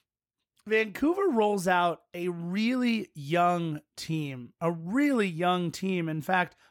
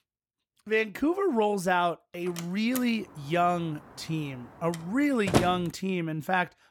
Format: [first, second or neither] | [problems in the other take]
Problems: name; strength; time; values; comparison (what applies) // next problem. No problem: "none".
first | door banging; loud; from 2.5 to 5.5 s; peak 1 dB above the speech